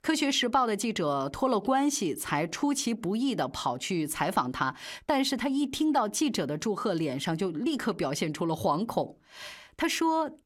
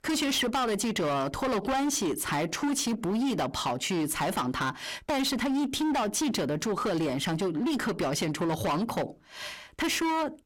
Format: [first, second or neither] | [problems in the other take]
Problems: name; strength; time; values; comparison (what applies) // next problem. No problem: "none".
first | distortion; heavy; 25% of the sound clipped